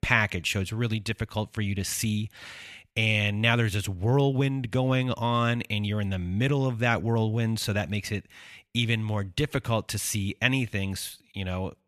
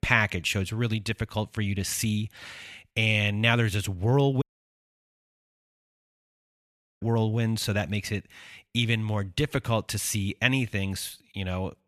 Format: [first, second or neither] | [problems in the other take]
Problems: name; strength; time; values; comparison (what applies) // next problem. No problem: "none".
first | audio cutting out; at 4.5 s for 2.5 s